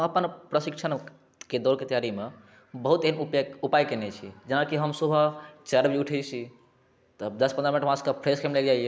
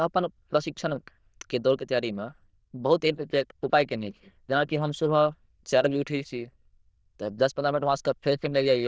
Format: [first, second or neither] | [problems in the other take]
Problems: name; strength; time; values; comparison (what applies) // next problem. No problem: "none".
first | noise reduction (neural diffusion model UNIVERSE++)